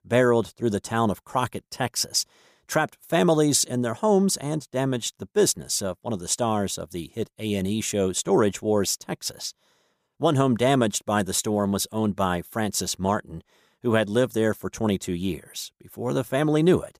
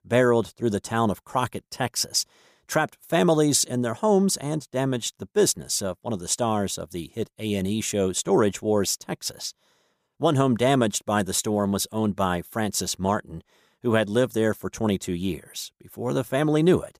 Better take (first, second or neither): neither